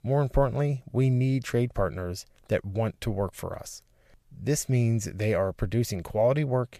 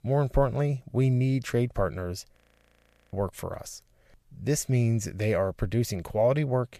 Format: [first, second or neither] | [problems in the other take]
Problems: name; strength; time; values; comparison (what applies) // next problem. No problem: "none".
first | audio freezing; at 2.5 s for 1 s